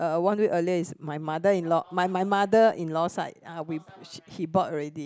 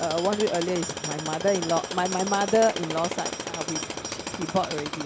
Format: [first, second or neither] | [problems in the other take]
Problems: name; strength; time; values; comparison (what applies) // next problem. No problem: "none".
first | background sound (Tools); 6 dB below the speech